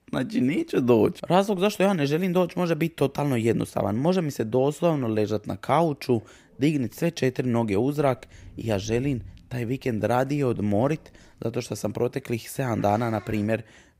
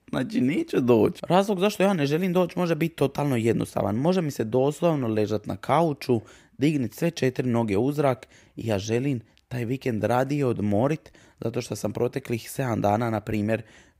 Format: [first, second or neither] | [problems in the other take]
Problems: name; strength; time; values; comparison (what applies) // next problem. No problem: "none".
second | animal sounds; faint; throughout; 25 dB below the speech